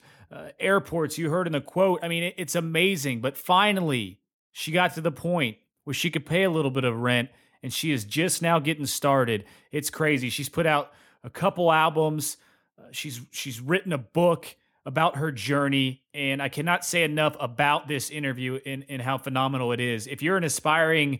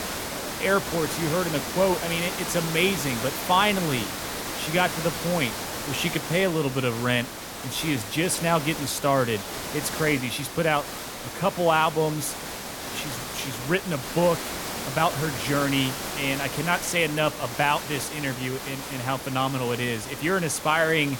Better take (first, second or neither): first